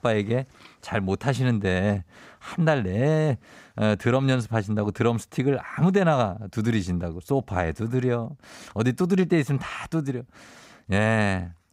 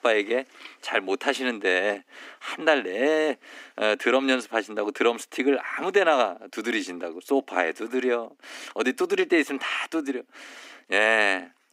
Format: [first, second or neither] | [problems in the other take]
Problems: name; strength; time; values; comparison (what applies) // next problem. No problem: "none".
first | thin; somewhat; fading below 250 Hz